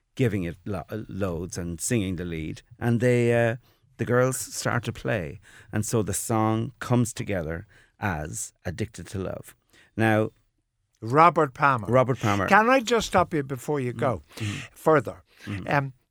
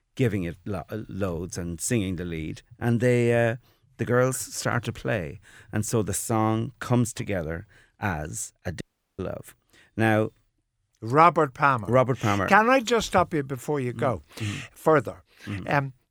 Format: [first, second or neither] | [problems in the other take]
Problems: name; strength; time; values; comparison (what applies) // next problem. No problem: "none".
first | audio cutting out; at 9 s